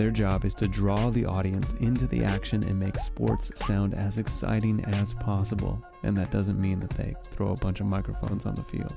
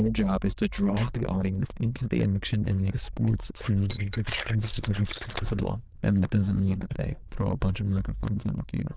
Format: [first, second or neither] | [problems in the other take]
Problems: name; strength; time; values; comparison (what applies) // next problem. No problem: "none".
first | noise reduction (neural diffusion model UNIVERSE++)